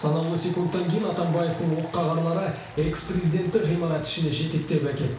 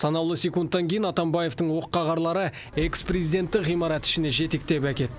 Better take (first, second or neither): second